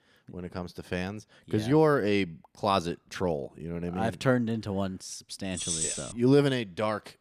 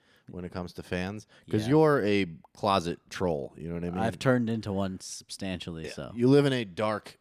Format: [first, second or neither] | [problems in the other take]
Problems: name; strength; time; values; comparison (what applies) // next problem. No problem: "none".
second | jangling keys; loud; at 5.5 s; peak level with the speech